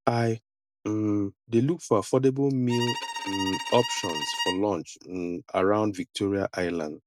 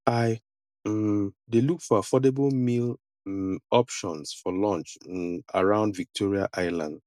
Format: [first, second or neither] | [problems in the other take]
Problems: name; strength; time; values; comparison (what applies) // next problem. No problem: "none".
second | background sound (Bowed string instrument); 6 dB below the speech